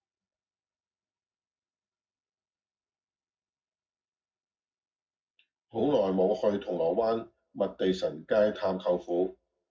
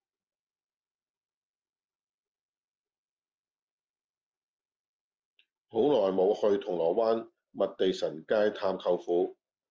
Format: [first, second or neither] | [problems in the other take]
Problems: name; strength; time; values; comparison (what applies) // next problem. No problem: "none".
second | room echo; dies away in 0.4 s